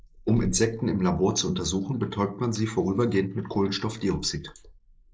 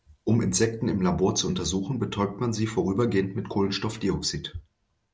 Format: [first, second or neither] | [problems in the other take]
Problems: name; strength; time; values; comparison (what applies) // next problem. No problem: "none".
second | noise reduction (neural mask model Resemble Enhance denoiser)